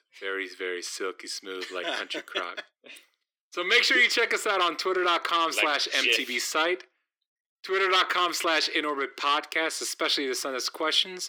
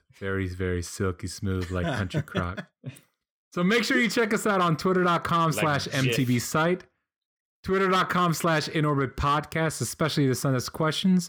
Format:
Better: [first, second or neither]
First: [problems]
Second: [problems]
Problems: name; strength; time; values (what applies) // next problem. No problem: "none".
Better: second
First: thin; very; fading below 300 Hz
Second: none